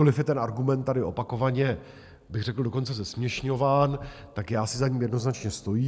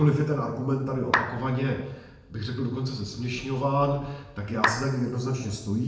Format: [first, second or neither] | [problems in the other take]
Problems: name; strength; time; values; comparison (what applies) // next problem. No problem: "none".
first | background sound (Clapping); 2 dB below the speech // room echo; dies away in 0.9 s